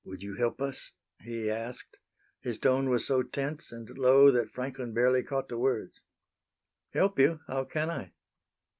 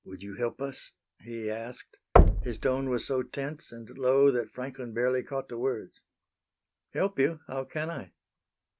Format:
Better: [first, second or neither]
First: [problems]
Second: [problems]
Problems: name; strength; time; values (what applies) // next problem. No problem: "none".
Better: first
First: none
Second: background sound (Knock); 4 dB above the speech